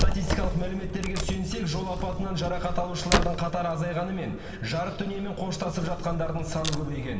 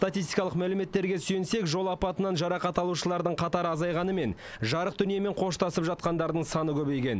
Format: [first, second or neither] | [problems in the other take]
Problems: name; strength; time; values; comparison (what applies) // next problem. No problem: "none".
second | background sound (Wood); 1 dB below the speech // room echo; dies away in 2.3 s